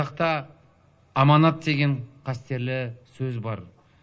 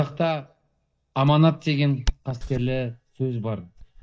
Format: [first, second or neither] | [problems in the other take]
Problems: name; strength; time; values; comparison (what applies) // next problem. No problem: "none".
first | noise reduction (neural mask model DeepFilterNet 3)